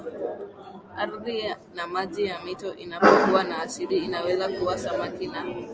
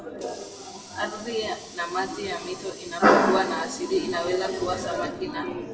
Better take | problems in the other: first | background sound (Water tap, faucet); 19 dB below the speech // room echo; dies away in 0.8 s

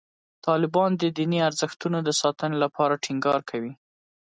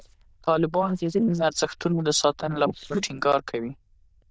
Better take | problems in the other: first | noise reduction (neural diffusion model UNIVERSE++)

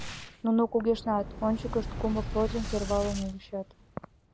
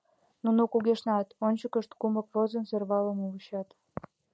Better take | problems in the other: second | background sound (Boom); 8 dB below the speech

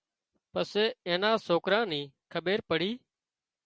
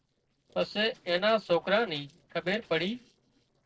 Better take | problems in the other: first | noise reduction (neural separator model SepFormer DNS4)

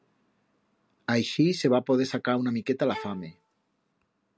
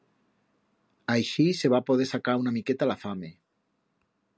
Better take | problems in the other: second | background sound (Bowed string instrument); 15 dB below the speech

